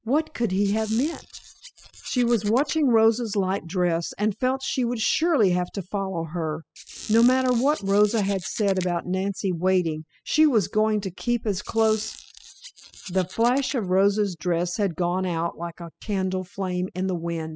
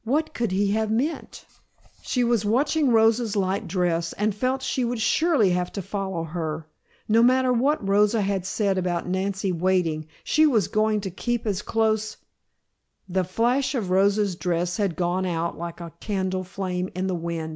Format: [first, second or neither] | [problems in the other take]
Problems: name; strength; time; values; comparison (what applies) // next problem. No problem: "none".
second | noise reduction (classical method spectral subtraction)